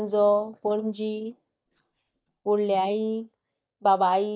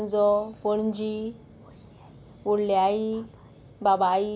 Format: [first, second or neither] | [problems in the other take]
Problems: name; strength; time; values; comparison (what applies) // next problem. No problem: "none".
second | noise reduction (neural mask model DeepFilterNet 3)